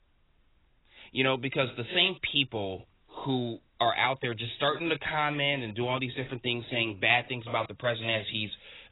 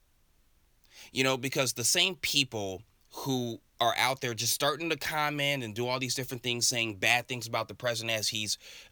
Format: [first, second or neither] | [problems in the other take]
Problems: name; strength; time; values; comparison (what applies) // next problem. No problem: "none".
second | garbled, watery; badly; nothing above 4 kHz